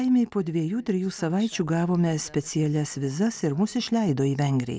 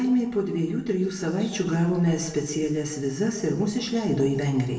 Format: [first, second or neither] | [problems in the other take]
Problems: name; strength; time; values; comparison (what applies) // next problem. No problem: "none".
first | room echo; dies away in 0.9 s